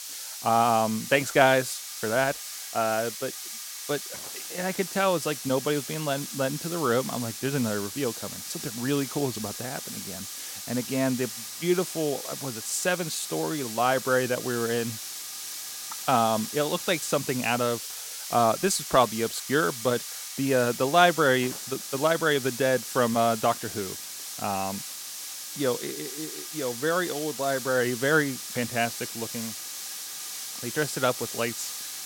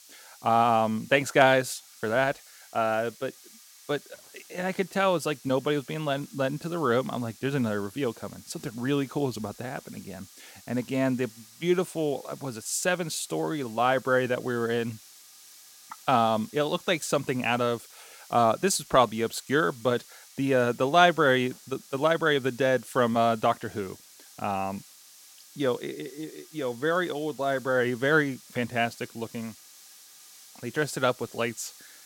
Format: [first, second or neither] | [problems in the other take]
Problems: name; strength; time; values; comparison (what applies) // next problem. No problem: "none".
second | hiss; loud; throughout; 8 dB below the speech; faint in the second